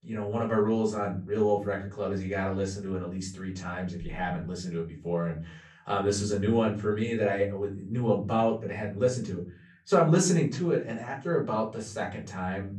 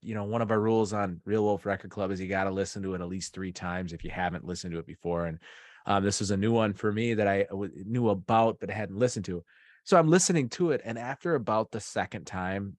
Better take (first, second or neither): second